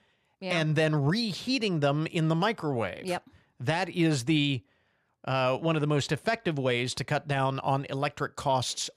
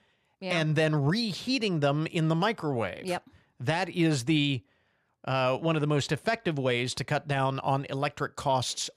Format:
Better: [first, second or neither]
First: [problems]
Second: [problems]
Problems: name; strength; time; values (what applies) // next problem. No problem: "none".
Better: neither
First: none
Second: none